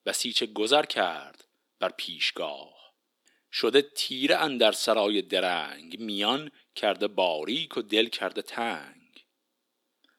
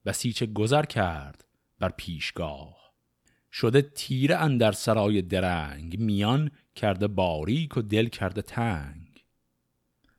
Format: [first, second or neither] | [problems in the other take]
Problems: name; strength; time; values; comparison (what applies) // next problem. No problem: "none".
second | thin; somewhat; fading below 300 Hz